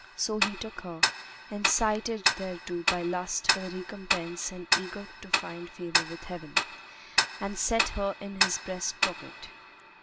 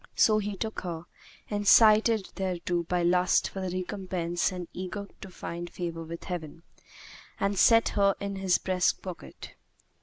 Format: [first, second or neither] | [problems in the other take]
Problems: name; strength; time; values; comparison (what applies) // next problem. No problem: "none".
second | background sound (Tick-tock); 2 dB above the speech